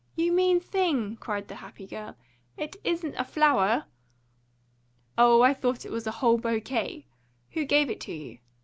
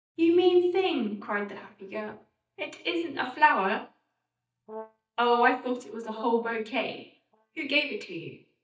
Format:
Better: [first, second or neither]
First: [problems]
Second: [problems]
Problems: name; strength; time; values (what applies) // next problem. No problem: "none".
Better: first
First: none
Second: noise reduction (neural mask model DeepFilterNet 3)